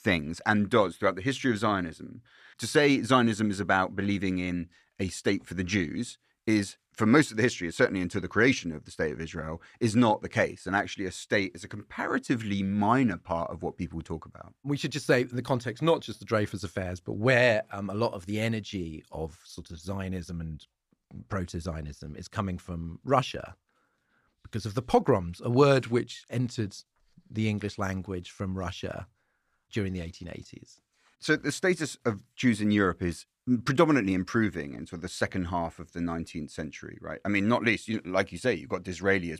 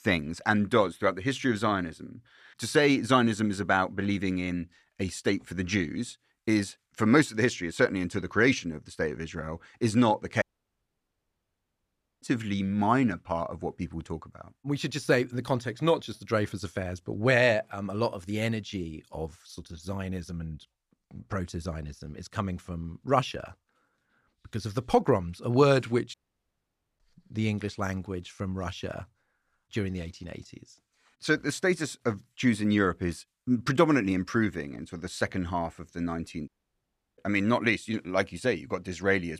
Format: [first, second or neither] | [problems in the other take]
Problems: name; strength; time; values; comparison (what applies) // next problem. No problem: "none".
first | audio cutting out; at 10 s for 2 s, at 26 s for 1 s and at 36 s for 0.5 s